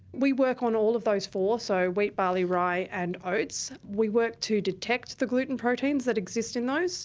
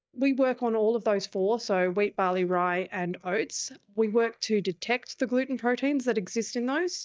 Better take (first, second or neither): first